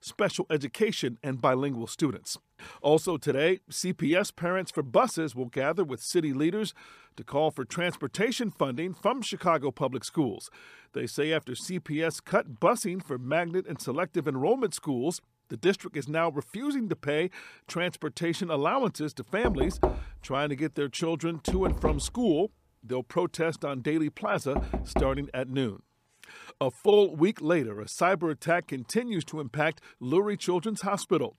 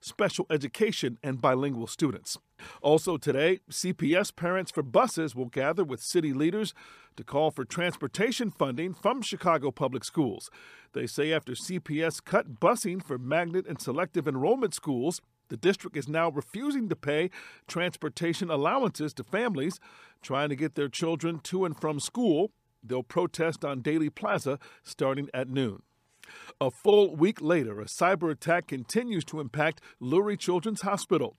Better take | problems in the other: second | door banging; loud; from 19 to 25 s; peak level with the speech

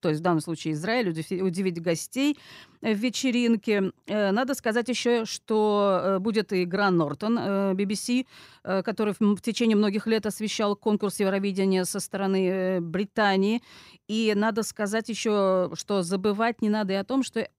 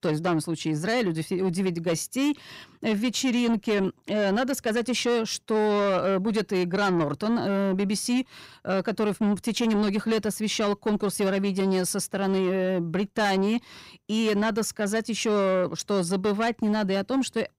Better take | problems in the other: first | distortion; slight; 10 dB below the speech

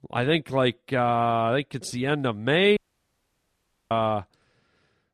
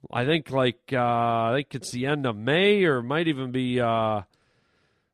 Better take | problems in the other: second | audio cutting out; at 3 s for 1 s

